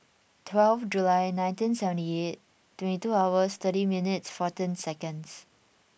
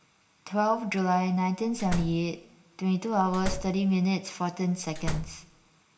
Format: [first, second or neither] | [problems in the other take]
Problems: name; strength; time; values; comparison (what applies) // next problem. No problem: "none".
first | background sound (Slam); 7 dB below the speech // room echo; dies away in 0.9 s